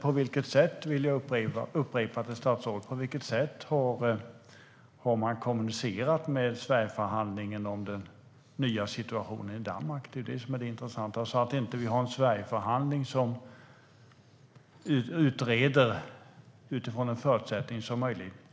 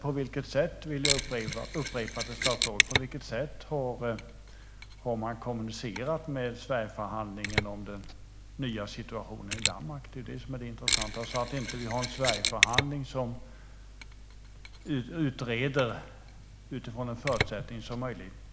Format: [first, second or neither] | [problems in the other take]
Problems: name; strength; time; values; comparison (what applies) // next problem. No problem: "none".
first | background sound (Mechanisms); 1 dB below the speech